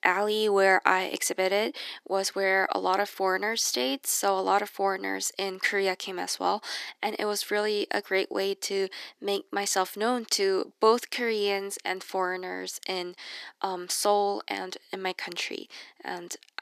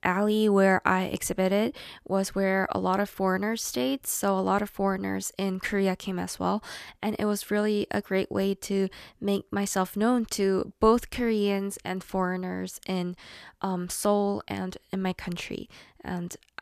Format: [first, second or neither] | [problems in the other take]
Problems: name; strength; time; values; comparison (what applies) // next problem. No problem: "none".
second | thin; somewhat; fading below 300 Hz